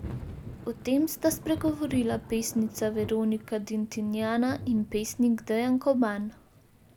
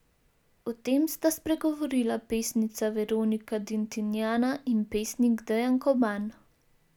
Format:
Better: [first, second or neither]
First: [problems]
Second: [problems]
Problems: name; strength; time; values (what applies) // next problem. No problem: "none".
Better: second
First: background sound (Thunder / Rain); 14 dB below the speech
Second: none